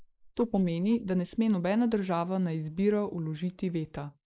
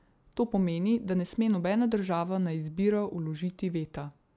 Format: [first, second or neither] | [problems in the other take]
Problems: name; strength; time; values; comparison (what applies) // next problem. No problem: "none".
second | noise reduction (neural mask model Resemble Enhance denoiser)